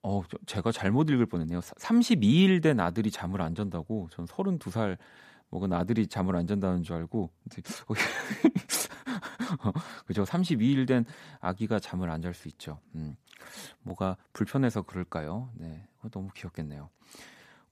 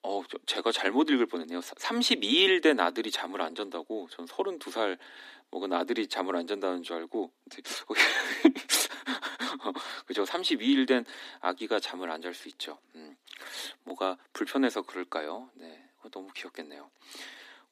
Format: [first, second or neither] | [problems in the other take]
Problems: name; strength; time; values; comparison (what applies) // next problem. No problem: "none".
first | thin; somewhat; fading below 250 Hz